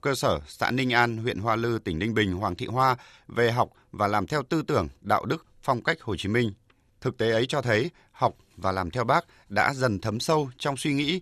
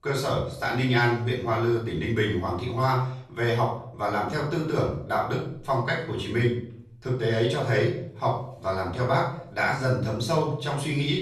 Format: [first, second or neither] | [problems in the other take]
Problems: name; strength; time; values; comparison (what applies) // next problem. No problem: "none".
first | off-mic speech; far // room echo; noticeable; dies away in 0.5 s